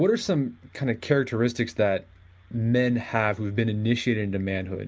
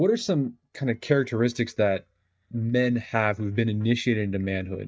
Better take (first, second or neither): first